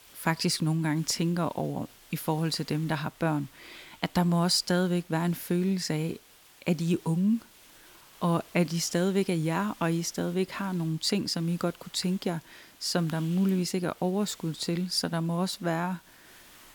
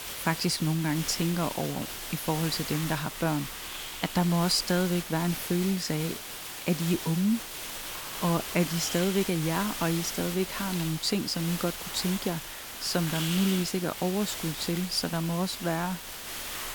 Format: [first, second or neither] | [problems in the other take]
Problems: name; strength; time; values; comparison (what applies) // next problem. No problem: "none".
first | hiss; loud; throughout; 6 dB below the speech; faint in the first